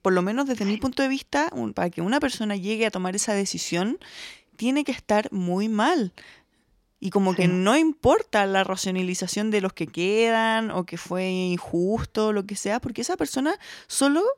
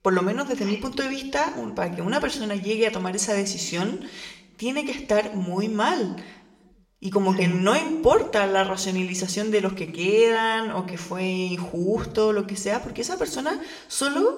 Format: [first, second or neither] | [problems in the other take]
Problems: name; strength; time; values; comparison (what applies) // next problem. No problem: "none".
first | room echo; very slight; dies away in 0.6 s